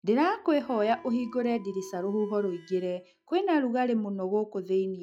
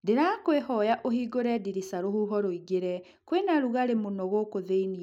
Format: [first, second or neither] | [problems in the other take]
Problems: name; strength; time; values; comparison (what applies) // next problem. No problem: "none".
second | noise reduction (classical method log-MMSE)